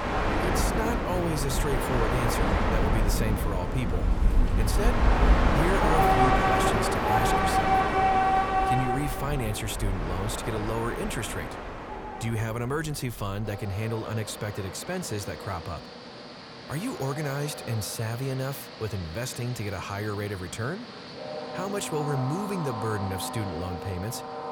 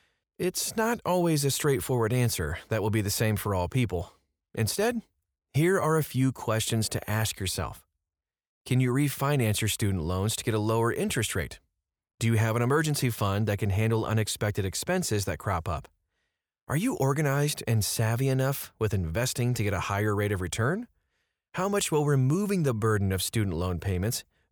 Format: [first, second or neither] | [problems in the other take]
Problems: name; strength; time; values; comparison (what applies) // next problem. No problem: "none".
second | train or aircraft noise; very loud; throughout; 5 dB above the speech